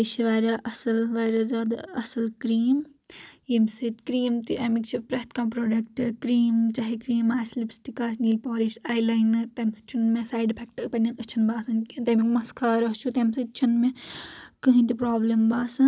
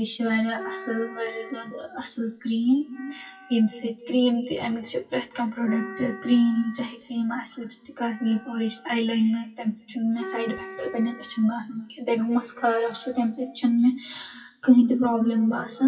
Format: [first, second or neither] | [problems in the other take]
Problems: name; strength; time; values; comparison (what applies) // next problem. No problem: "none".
first | noise reduction (classical method WPE with log-MMSE)